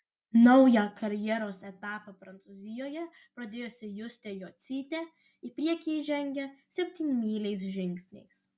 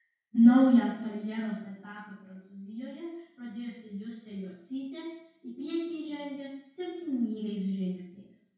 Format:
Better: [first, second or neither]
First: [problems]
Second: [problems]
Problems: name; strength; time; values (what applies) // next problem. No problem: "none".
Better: first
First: none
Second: room echo; dies away in 0.6 s